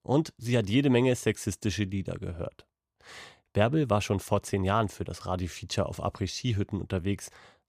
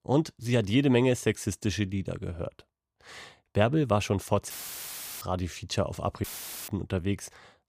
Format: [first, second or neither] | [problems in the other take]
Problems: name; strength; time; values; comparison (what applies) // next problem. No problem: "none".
first | audio cutting out; filled with static; at 4.5 s for 0.5 s and at 6 s